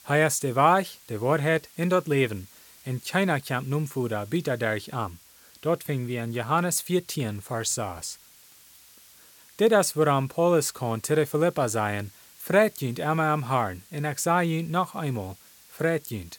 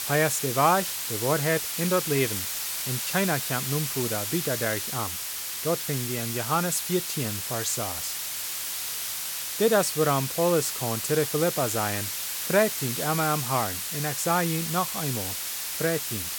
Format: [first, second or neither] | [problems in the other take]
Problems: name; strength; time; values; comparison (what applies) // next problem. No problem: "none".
first | hiss; loud; throughout; 2 dB below the speech; faint in the first